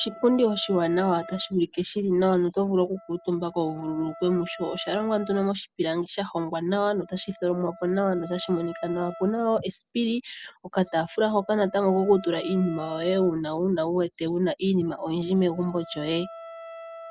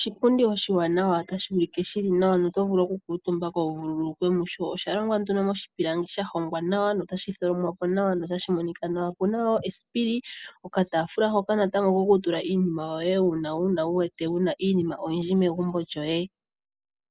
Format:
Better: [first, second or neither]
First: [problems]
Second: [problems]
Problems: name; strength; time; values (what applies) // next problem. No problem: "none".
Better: second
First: background sound (Wind instrument, woodwind instrument); 19 dB below the speech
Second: none